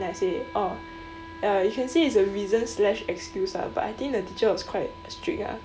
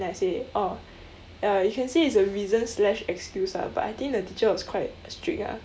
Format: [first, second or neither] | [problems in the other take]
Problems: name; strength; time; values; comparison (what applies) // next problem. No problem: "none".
second | background sound (Wind instrument, woodwind instrument); 17 dB below the speech